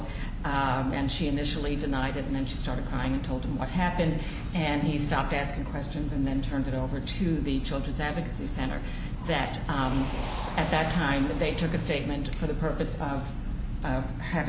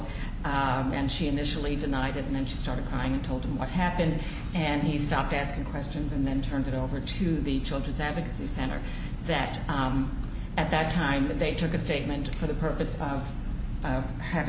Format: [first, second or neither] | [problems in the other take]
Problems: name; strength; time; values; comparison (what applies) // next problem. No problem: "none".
second | background sound (Motor vehicle (road)); 18 dB below the speech